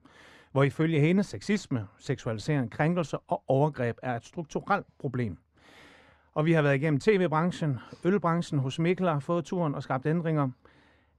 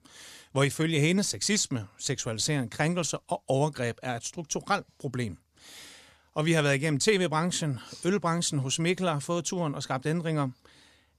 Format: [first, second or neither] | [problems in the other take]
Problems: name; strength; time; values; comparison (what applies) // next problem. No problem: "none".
second | muffled; very; fading above 3 kHz